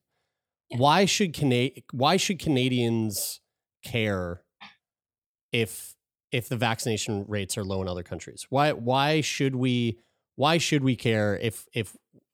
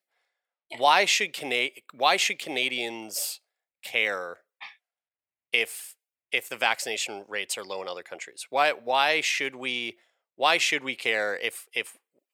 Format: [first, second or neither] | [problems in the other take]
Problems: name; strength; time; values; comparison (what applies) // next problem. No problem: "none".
first | thin; very; fading below 650 Hz